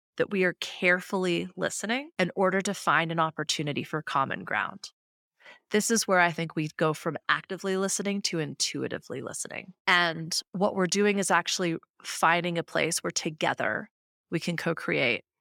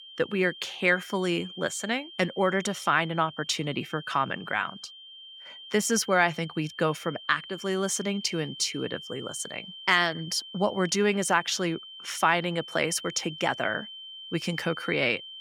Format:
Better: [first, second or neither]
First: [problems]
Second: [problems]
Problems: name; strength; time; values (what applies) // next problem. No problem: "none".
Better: first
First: none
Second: high-pitched whine; noticeable; throughout; 3 kHz, 15 dB below the speech